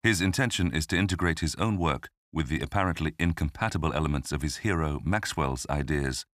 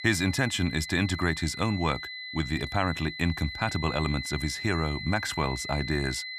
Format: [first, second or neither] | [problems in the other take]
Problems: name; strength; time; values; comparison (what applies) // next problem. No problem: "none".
first | high-pitched whine; loud; throughout; 2 kHz, 7 dB below the speech